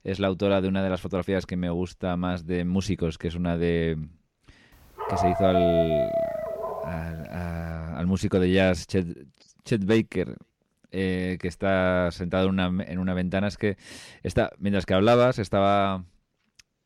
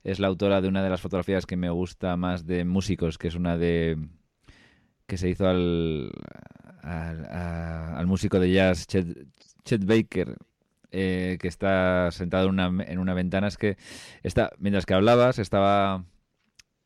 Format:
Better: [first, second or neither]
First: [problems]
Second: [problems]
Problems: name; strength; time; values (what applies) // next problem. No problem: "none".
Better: second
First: dog barking; loud; from 5 to 7 s; peak 2 dB above the speech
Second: none